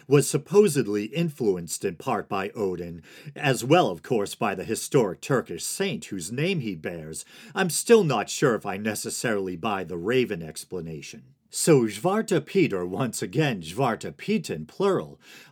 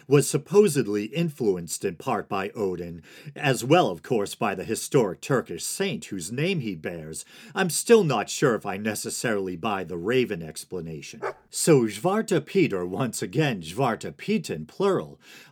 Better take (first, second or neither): first